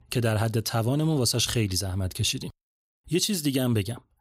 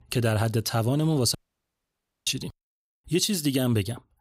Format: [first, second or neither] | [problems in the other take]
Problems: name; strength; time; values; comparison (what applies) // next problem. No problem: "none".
first | audio cutting out; at 1.5 s for 1 s